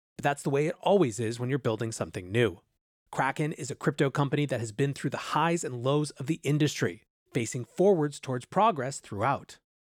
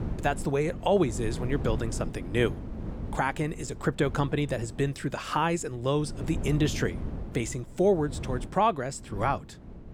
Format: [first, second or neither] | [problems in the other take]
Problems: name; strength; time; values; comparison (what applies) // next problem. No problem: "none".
first | wind noise on the microphone; occasional gusts; 15 dB below the speech